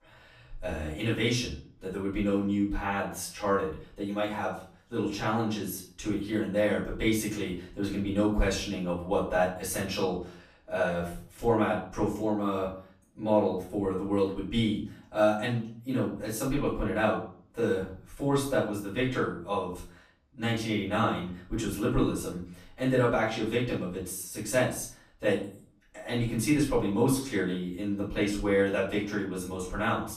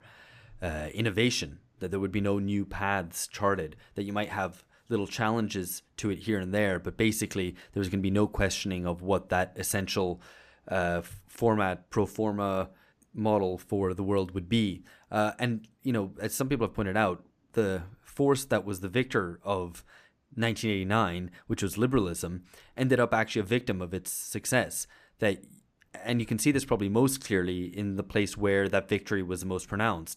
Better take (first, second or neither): second